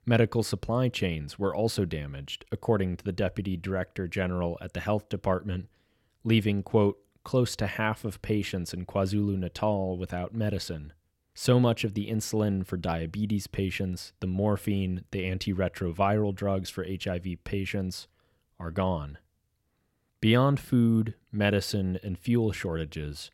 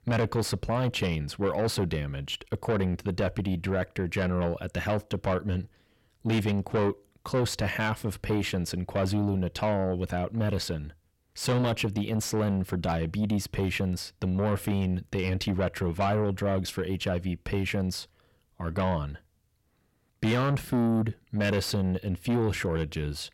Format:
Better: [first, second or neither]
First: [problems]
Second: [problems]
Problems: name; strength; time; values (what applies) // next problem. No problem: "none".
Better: first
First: none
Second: distortion; heavy; 7 dB below the speech